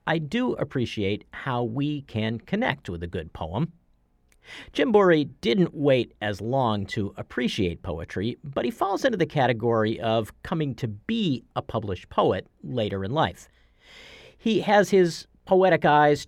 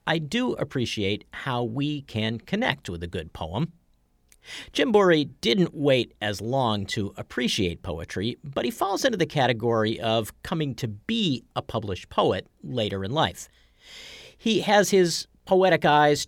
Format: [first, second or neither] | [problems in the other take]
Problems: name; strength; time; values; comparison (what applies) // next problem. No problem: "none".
second | muffled; slightly; fading above 3 kHz